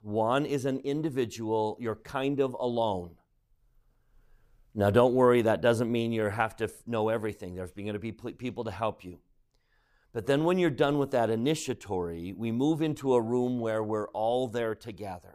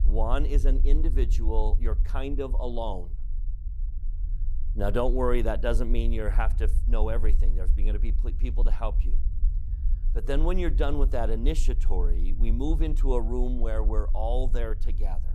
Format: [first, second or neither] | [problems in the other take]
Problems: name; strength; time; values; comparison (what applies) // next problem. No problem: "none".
first | low rumble; noticeable; throughout; 20 dB below the speech